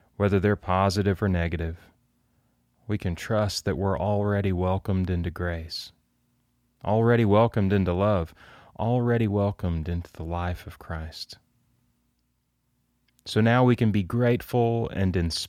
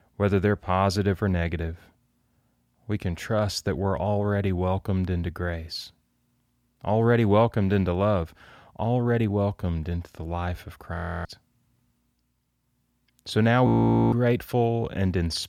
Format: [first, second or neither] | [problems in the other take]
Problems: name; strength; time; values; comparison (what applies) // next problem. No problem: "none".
first | audio freezing; at 11 s and at 14 s